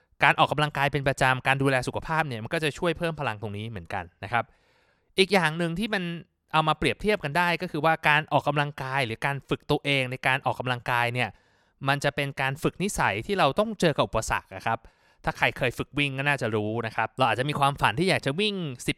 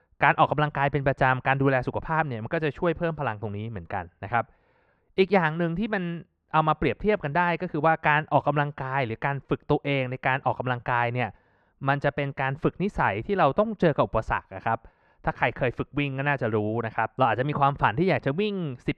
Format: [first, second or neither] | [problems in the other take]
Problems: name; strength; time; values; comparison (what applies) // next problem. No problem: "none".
first | muffled; very; fading above 2 kHz